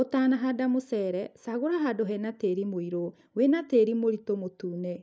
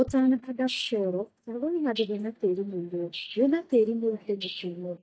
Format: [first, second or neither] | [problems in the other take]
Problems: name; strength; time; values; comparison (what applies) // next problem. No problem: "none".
first | noise reduction (neural mask model DeepFilterNet 3)